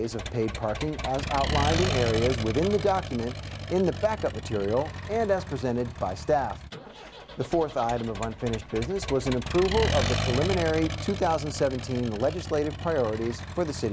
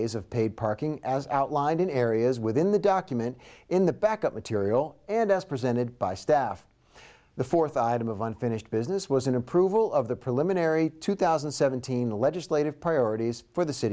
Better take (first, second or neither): second